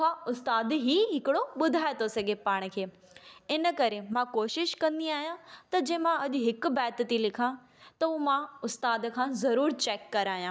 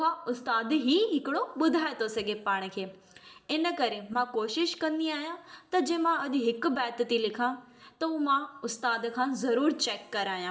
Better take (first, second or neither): first